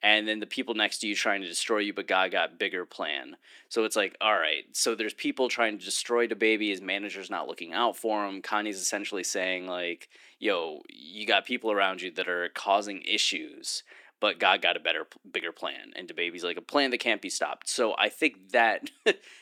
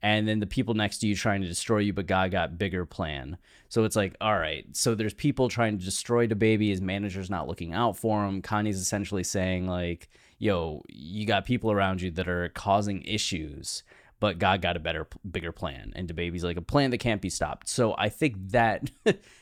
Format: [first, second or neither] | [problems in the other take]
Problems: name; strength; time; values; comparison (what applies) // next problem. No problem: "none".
second | thin; somewhat; fading below 300 Hz